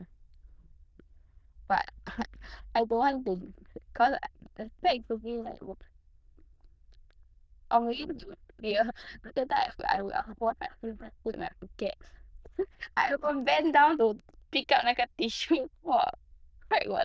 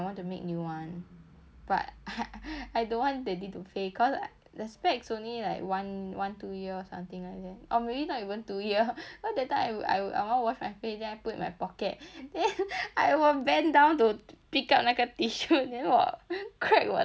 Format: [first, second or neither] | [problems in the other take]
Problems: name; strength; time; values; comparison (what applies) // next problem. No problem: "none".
second | noise reduction (neural diffusion model UNIVERSE++)